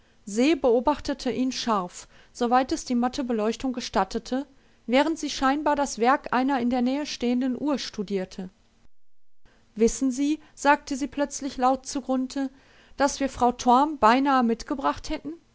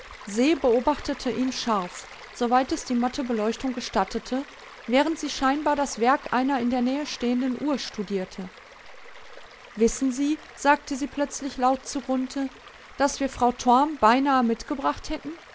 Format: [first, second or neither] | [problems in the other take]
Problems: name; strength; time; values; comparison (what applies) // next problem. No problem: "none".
first | background sound (Stream); 20 dB below the speech